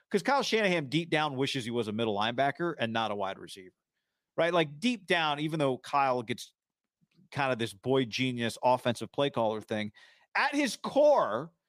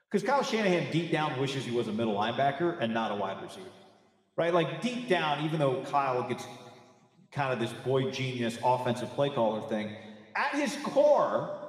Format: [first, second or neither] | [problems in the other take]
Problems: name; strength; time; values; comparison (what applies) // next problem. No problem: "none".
first | room echo; noticeable; dies away in 1.5 s // off-mic speech; somewhat distant